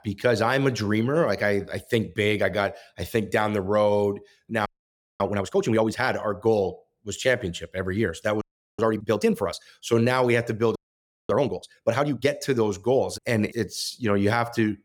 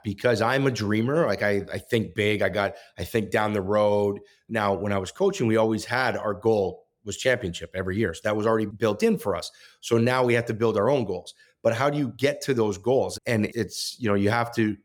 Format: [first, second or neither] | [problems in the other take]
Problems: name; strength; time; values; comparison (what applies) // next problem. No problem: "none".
second | audio freezing; at 4.5 s for 0.5 s, at 8.5 s and at 11 s for 0.5 s